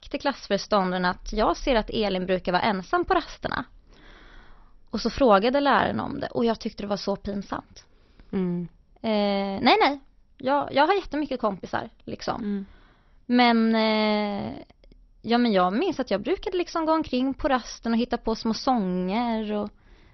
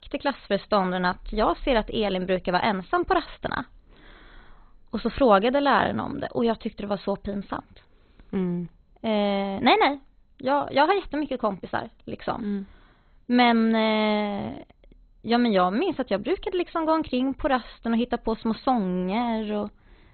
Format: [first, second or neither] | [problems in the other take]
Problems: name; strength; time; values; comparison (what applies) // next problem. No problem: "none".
first | garbled, watery; badly; nothing above 4 kHz; slightly in the first